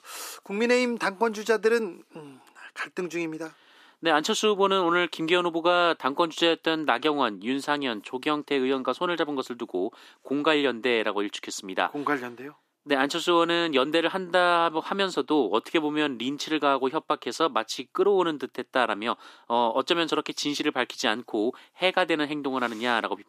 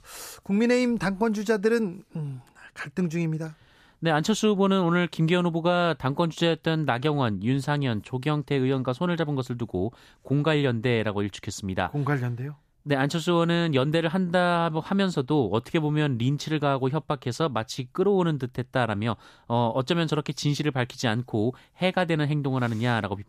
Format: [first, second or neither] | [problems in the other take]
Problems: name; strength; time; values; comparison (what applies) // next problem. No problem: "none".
second | thin; somewhat; fading below 300 Hz